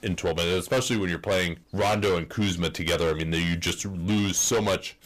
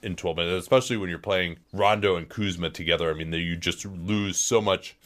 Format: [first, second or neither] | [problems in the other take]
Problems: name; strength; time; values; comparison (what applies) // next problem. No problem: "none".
second | distortion; heavy; 16% of the sound clipped